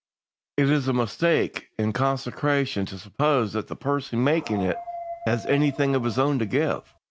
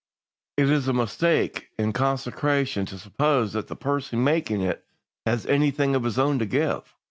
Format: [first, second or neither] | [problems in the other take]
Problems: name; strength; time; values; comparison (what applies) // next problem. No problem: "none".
second | background sound (Dog); 14 dB below the speech